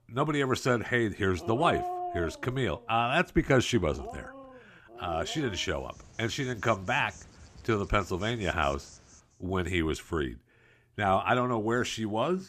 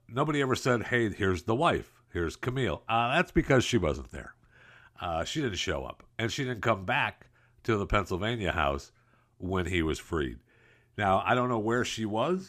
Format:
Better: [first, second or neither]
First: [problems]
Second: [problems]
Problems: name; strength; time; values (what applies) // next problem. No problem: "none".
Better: second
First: animal sounds; noticeable; until 9 s; 15 dB below the speech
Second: none